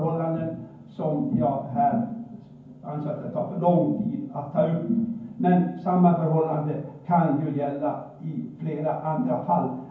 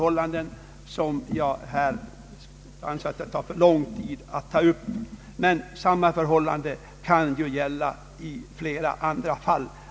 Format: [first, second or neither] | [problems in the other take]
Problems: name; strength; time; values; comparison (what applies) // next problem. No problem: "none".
second | room echo; dies away in 0.9 s